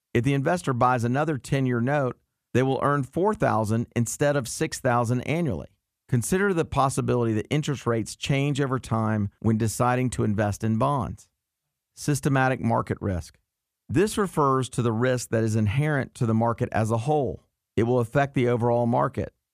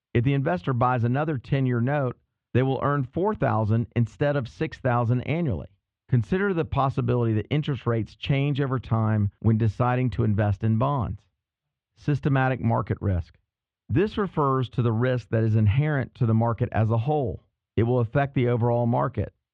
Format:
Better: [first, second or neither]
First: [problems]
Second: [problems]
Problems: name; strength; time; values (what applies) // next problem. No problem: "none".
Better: first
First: none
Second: muffled; very; fading above 3.5 kHz